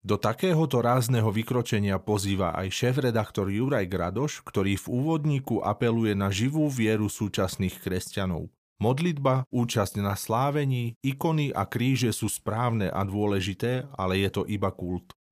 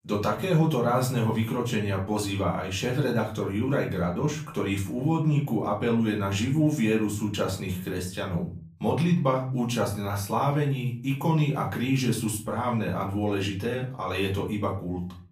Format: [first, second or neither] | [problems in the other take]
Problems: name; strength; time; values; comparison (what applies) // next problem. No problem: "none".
first | room echo; slight; dies away in 0.3 s // off-mic speech; far